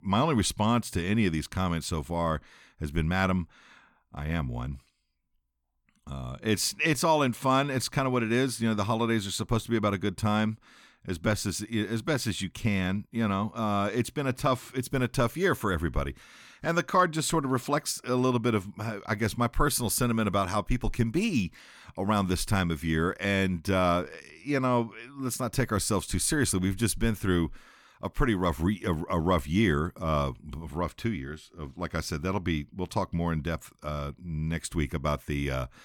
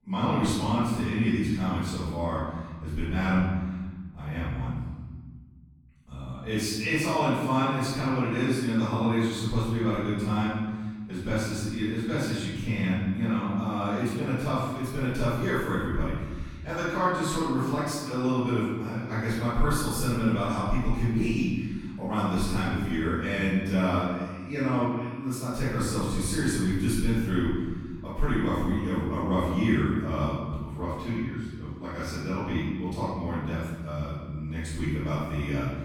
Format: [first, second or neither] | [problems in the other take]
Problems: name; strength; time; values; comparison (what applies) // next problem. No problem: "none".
first | off-mic speech; far // room echo; strong; dies away in 1.6 s